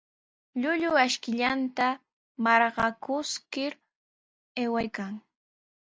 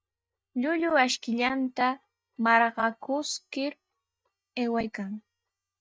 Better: first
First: none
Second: noise reduction (neural mask model DeepFilterNet 3)

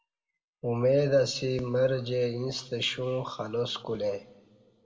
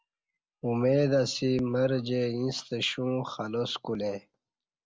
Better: second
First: room echo; dies away in 1.3 s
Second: none

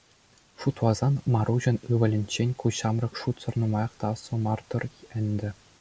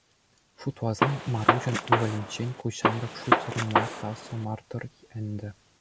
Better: first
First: none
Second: background sound (Gunshot, gunfire); 5 dB above the speech

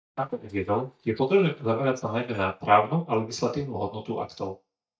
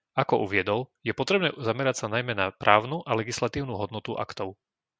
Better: second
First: noise reduction (neural mask model DeepFilterNet 3)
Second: none

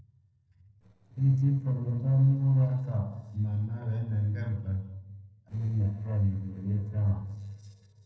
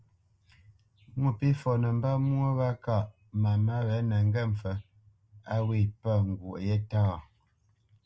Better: second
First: noise reduction (neural separator model SepFormer DNS4)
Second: none

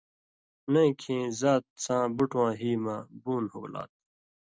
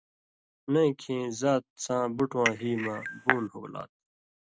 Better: first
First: none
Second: background sound (Cutlery, silverware / Dishes, pots, and pans / Chink, clink); 1 dB below the speech

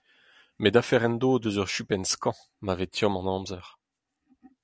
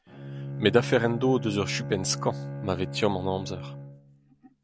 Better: first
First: none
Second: background sound (Bowed string instrument); 8 dB below the speech

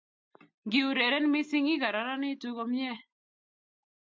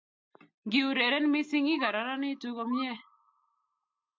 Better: first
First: none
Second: background sound (Bird); 15 dB below the speech

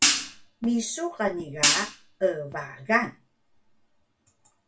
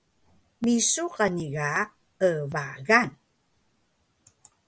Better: second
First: background sound (Hi-hat); 4 dB above the speech // room echo; dies away in 0.2 s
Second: none

